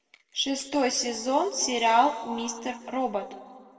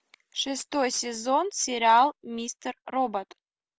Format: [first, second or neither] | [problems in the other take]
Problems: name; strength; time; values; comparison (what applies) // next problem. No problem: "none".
second | room echo; dies away in 1.4 s